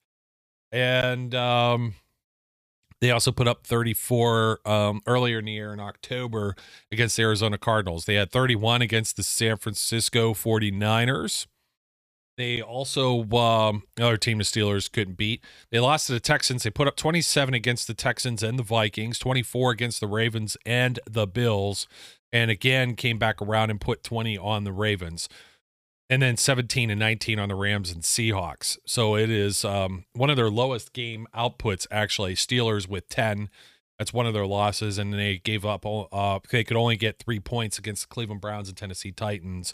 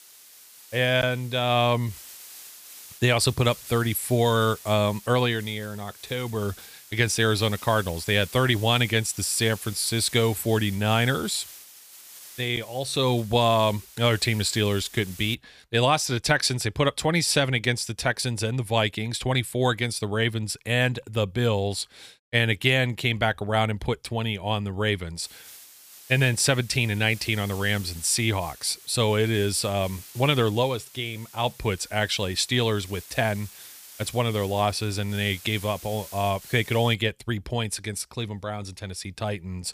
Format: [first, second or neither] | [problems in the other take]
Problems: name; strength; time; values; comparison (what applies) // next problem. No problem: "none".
first | hiss; noticeable; until 15 s and from 25 to 37 s; 20 dB below the speech